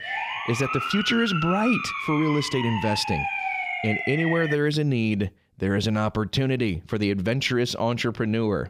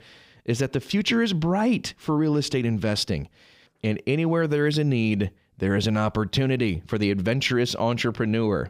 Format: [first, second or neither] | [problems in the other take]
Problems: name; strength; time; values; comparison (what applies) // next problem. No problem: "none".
second | siren; noticeable; until 4.5 s; peak 1 dB below the speech